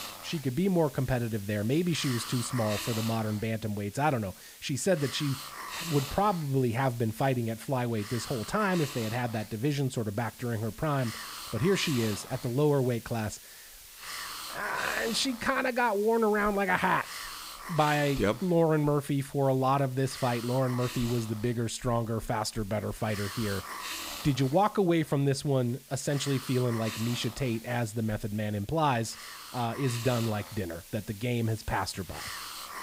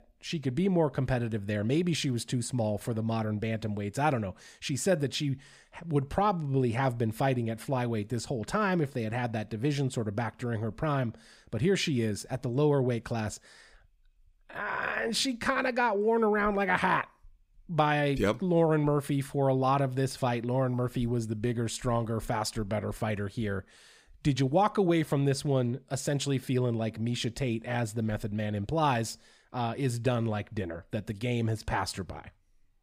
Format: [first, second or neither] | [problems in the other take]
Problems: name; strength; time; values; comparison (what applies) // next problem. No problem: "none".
second | hiss; noticeable; throughout; 10 dB below the speech